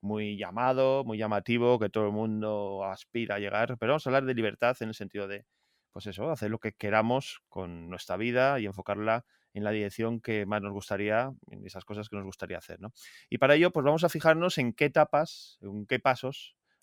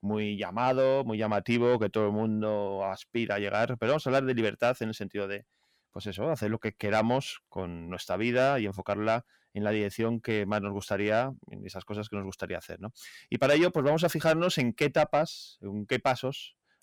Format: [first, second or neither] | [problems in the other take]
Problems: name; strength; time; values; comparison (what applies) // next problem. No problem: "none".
first | distortion; slight; 10 dB below the speech